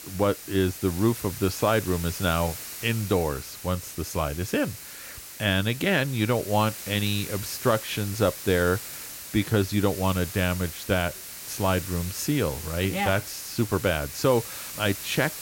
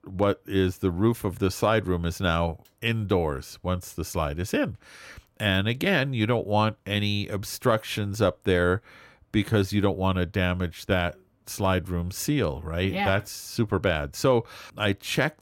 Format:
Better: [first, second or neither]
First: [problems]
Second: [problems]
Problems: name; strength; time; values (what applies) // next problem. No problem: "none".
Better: second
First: hiss; loud; throughout; 10 dB below the speech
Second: none